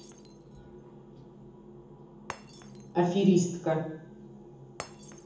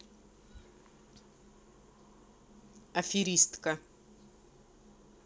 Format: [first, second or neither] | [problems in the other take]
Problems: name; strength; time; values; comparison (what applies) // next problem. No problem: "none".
second | background sound (Shatter); 20 dB below the speech // room echo; dies away in 0.7 s